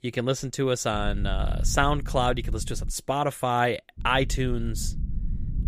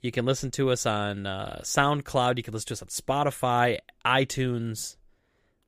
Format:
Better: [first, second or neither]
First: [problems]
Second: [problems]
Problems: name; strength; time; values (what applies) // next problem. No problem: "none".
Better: second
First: low rumble; faint; from 1 to 3 s and from 4 s on; 20 dB below the speech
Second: none